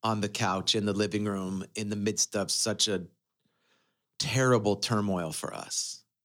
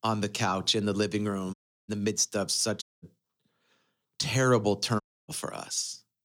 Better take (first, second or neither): first